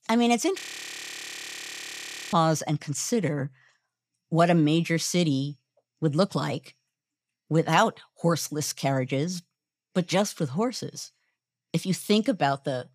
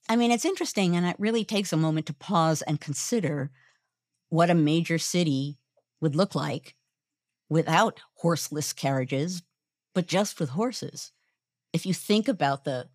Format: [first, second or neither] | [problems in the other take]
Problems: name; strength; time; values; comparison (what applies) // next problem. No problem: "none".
second | audio freezing; at 0.5 s for 1.5 s